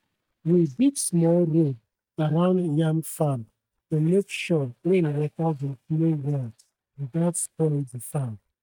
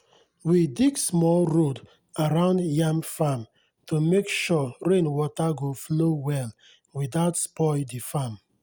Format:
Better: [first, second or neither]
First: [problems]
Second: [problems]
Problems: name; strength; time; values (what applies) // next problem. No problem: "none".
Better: second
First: noise reduction (neural mask model DeepFilterNet 3)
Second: none